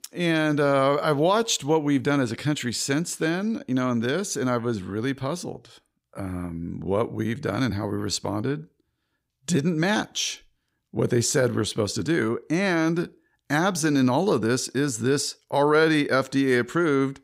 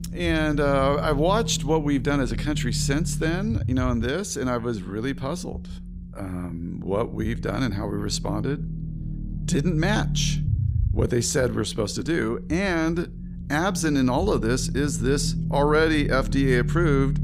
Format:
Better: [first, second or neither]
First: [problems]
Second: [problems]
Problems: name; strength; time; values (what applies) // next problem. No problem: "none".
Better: first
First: none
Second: low rumble; noticeable; throughout; 15 dB below the speech